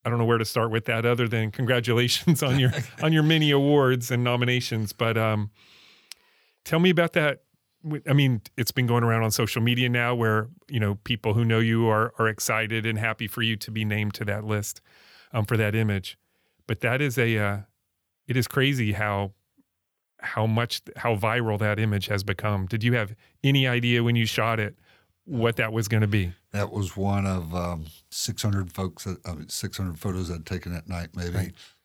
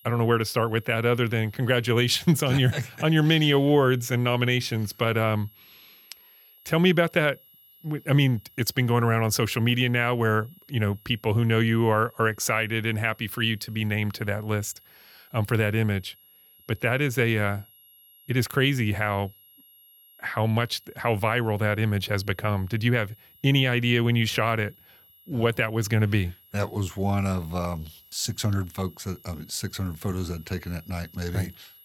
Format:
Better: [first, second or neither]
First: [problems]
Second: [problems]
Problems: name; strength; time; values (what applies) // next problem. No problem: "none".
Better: first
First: none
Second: high-pitched whine; faint; throughout; 11.5 kHz, 25 dB below the speech